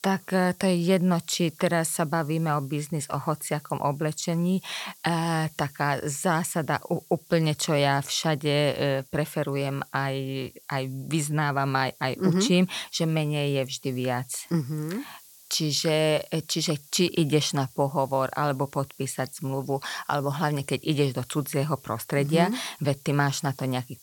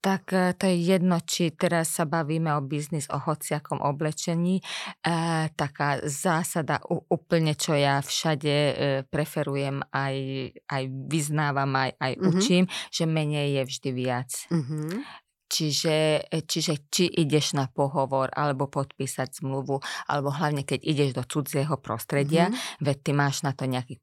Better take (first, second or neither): second